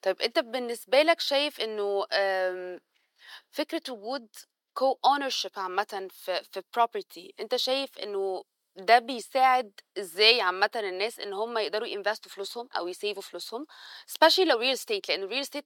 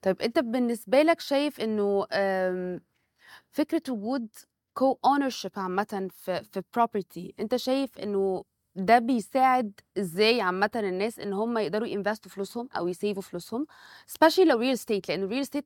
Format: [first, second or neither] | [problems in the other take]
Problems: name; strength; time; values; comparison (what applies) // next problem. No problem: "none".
second | thin; somewhat; fading below 400 Hz